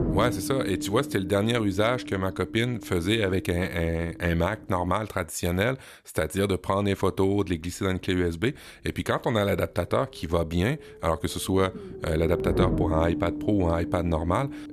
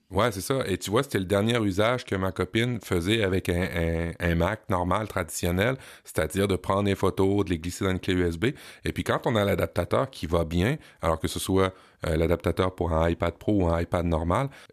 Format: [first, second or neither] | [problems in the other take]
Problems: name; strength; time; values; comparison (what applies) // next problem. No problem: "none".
second | low rumble; noticeable; until 5 s and from 7 s on; 10 dB below the speech